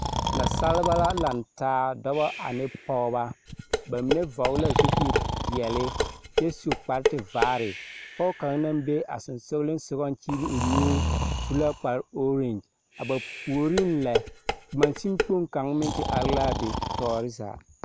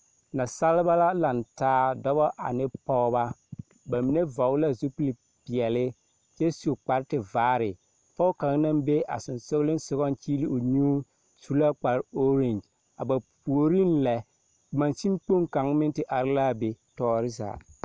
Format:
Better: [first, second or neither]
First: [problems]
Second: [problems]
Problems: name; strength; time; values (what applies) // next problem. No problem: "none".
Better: second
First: background sound (Breathing + Dishes, pots, and pans); 2 dB below the speech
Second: none